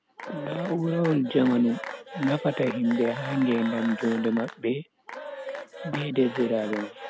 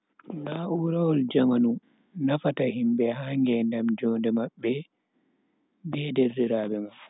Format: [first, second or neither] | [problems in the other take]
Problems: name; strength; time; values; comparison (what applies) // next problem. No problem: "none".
second | background sound (Applause / Cheering / Clapping); 11 dB below the speech